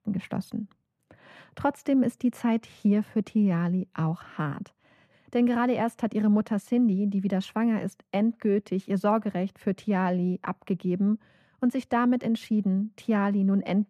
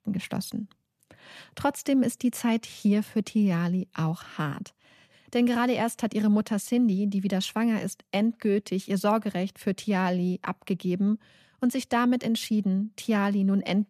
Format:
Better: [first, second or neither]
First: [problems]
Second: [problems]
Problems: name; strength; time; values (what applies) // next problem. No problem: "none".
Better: second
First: muffled; slightly; fading above 2.5 kHz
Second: none